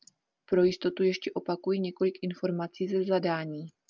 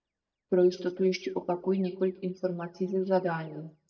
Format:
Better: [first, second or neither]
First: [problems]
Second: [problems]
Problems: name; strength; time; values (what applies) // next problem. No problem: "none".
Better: first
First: none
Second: noise reduction (neural mask model DeepFilterNet 3)